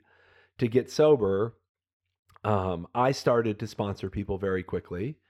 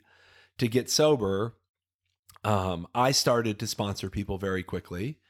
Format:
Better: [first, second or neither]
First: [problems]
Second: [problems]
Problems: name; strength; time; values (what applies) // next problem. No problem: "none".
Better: second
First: muffled; slightly; fading above 3.5 kHz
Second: none